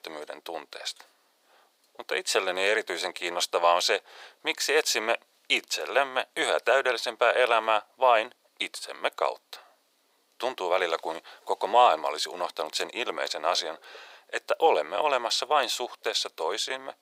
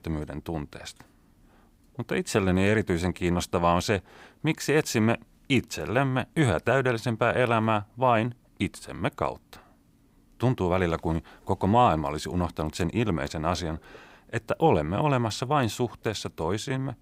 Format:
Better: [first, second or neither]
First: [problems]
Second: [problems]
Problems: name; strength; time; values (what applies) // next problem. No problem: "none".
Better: second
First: thin; very; fading below 500 Hz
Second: none